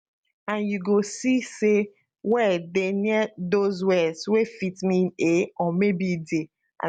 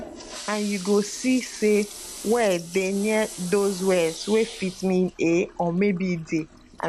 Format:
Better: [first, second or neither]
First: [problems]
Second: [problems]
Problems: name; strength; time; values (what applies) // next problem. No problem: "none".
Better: first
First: none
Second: background sound (Toilet flush); 15 dB below the speech